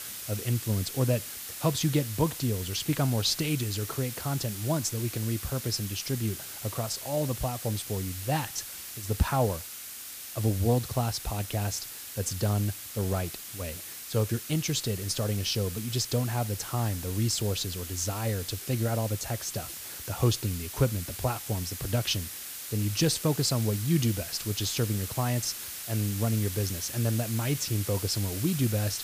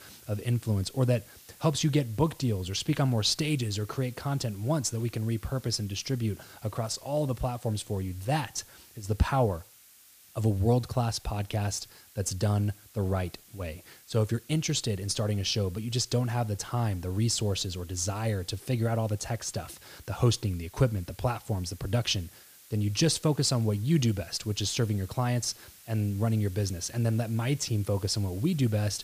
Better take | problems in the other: second | hiss; loud; throughout; 7 dB below the speech; faint in the second

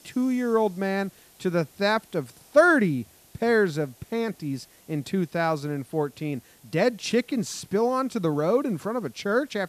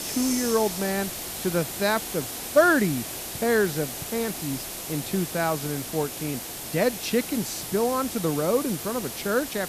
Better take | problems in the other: first | hiss; loud; throughout; 6 dB below the speech; faint in the first

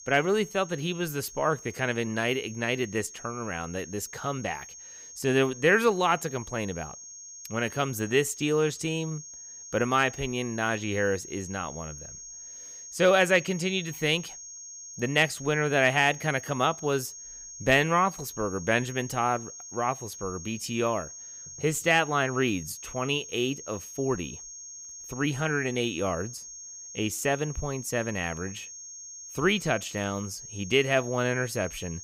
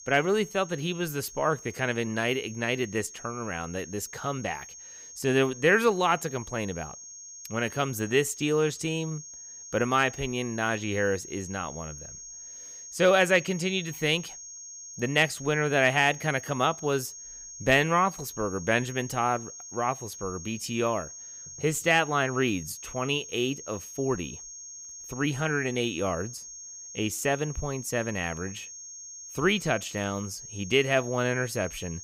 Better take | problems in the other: neither | high-pitched whine; noticeable; throughout; 6.5 kHz, 15 dB below the speech; the same in both

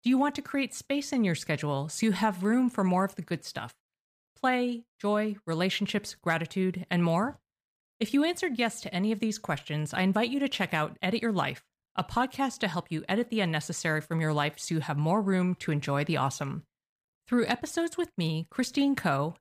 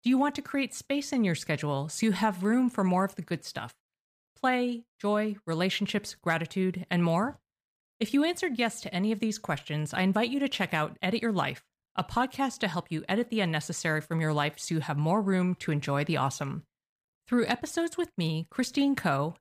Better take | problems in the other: neither | none

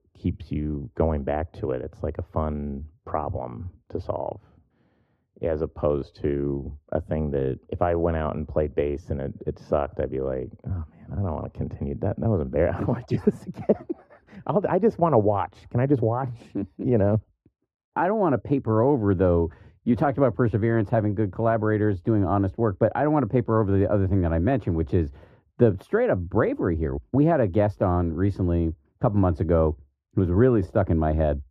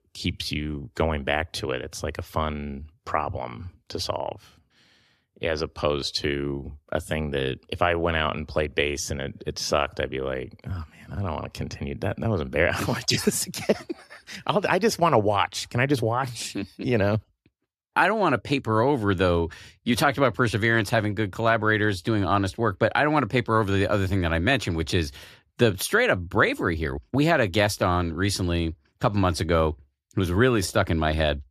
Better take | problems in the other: second | muffled; very; fading above 2 kHz

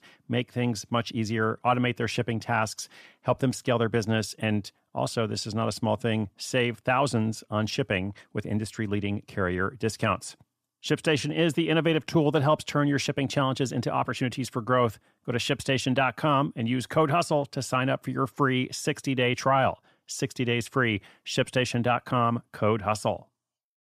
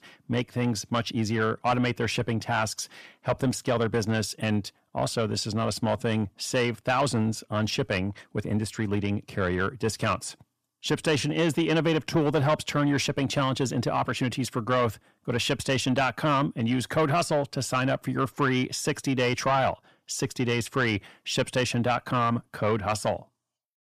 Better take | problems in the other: first | distortion; slight; 10 dB below the speech

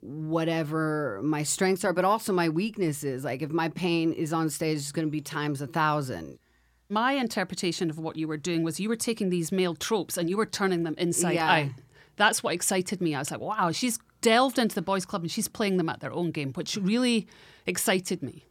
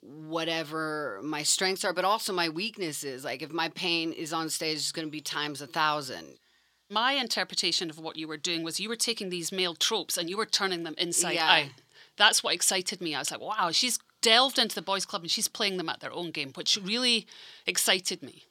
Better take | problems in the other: first | thin; somewhat; fading below 600 Hz

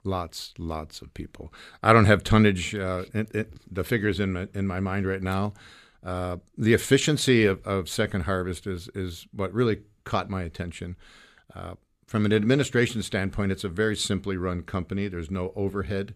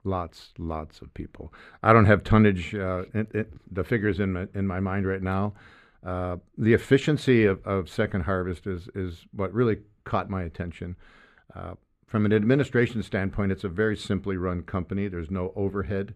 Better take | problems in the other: first | muffled; slightly; fading above 3 kHz

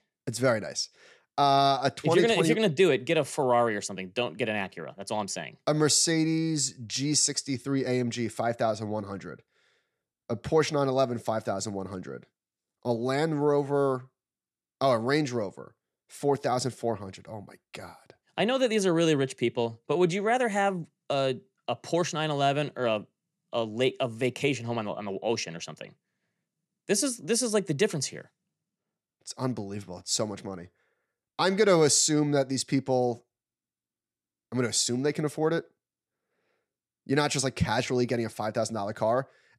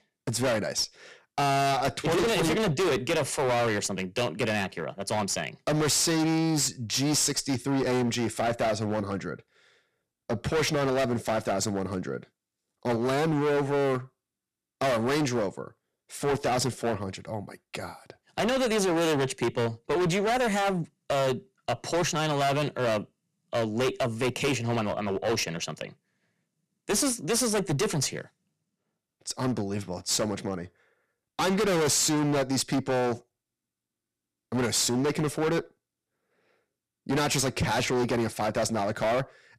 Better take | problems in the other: first | distortion; heavy; 20% of the sound clipped

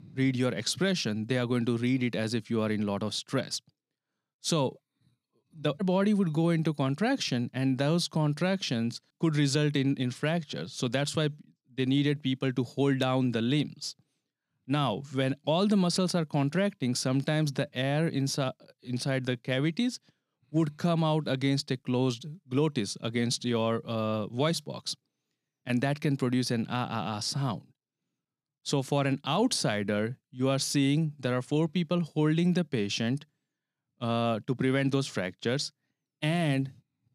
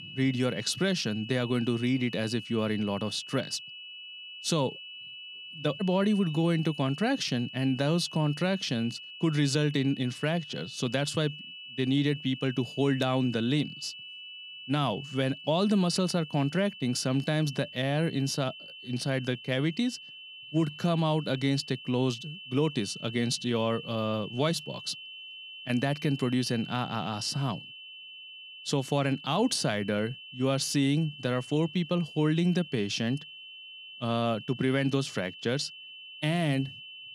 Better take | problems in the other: first | high-pitched whine; noticeable; throughout; 3 kHz, 15 dB below the speech

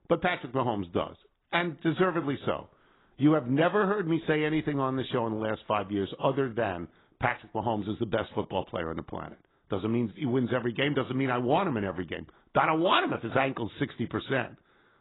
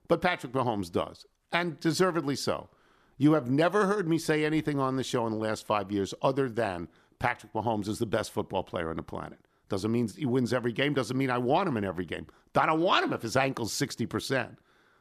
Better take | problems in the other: second | garbled, watery; badly; nothing above 4 kHz

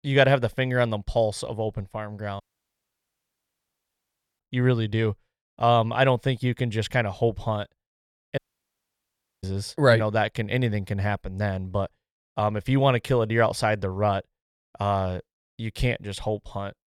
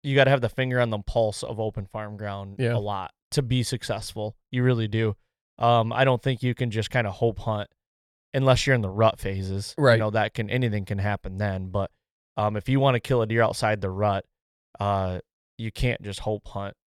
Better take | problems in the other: second | audio cutting out; at 2.5 s for 2 s and at 8.5 s for 1 s

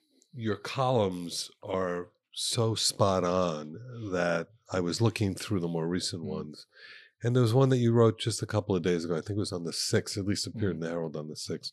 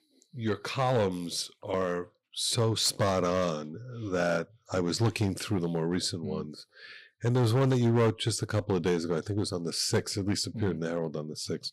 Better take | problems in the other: first | distortion; slight; 5% of the sound clipped

